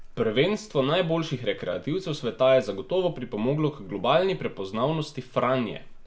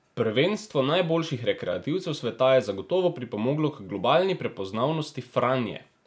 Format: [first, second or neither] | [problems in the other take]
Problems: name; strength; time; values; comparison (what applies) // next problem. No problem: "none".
second | background sound (Livestock, farm animals, working animals); 20 dB below the speech // room echo; dies away in 0.3 s